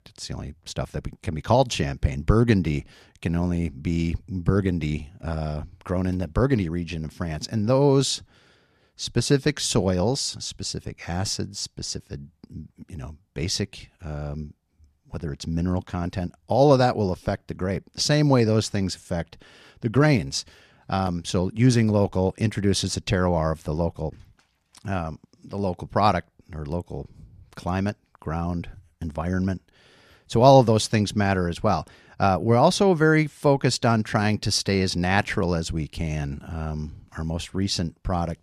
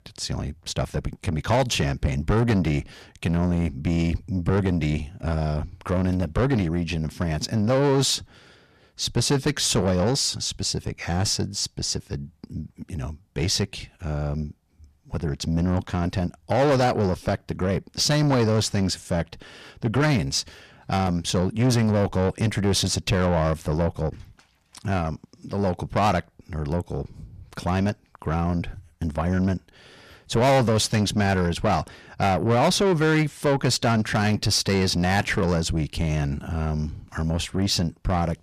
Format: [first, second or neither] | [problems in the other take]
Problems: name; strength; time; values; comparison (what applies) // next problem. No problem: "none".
first | distortion; heavy; 7 dB below the speech